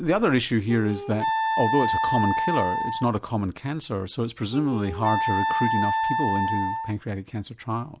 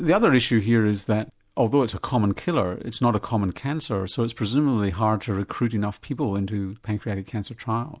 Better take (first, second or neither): second